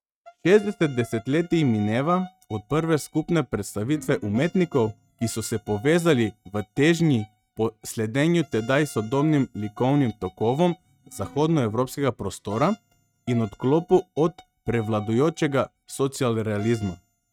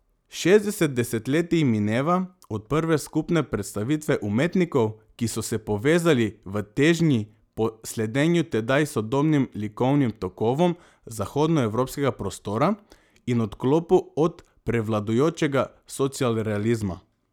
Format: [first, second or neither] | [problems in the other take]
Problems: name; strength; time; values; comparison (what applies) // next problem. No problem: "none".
second | noise reduction (neural mask model RNNoise)